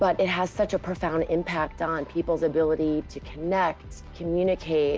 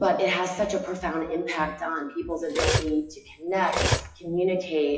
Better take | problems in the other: first | noise reduction (classical method WPE with log-MMSE)

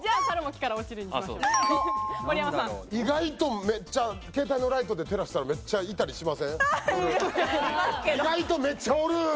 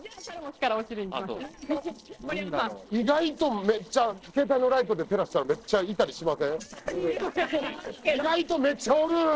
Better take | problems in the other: first | noise reduction (neural separator model SepFormer DNS4)

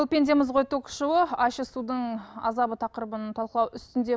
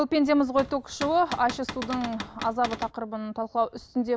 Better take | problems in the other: first | background sound (Cupboard open or close / Door); 11 dB below the speech

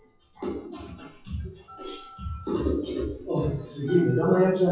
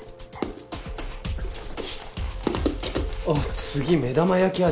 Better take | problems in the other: second | noise reduction (classical method WPE with log-MMSE)

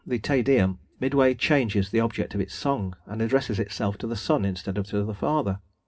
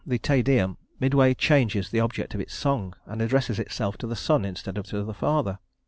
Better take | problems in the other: second | room echo; dies away in 0.3 s

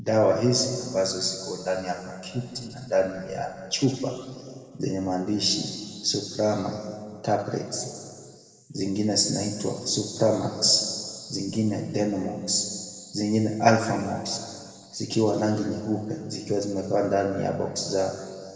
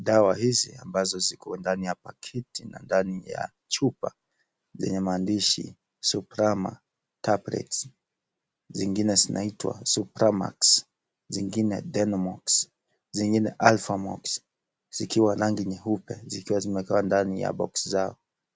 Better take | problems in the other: second | room echo; dies away in 2 s

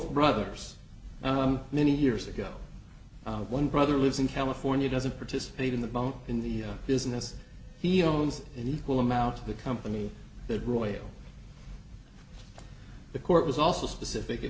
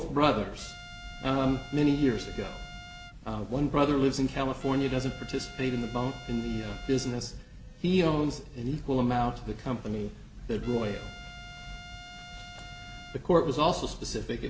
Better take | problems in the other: first | background sound (Trumpet); 17 dB below the speech

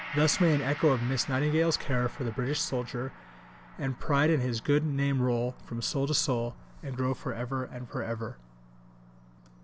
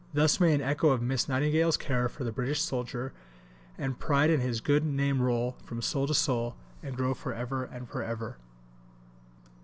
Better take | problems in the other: second | background sound (Gong); 18 dB below the speech

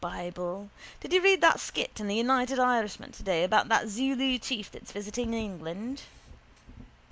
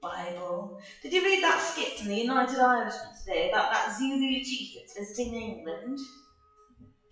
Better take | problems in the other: first | noise reduction (classical method WPE with log-MMSE)

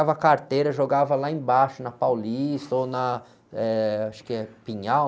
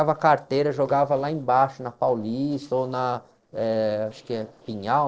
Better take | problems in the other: first | noise reduction (neural separator model SepFormer DNS4)

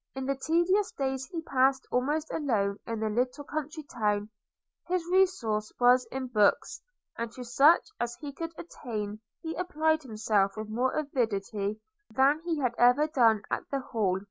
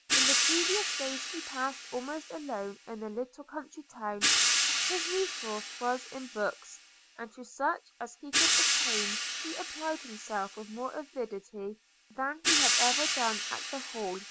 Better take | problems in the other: first | background sound (Hi-hat); 5 dB above the speech

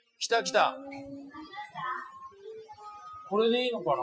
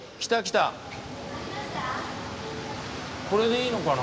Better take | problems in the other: second | noise reduction (classical method Wiener filter)

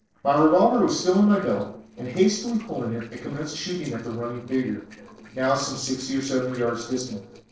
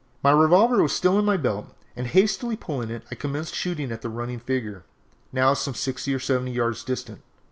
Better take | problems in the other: second | noise reduction (neural separator model SepFormer DNS4)

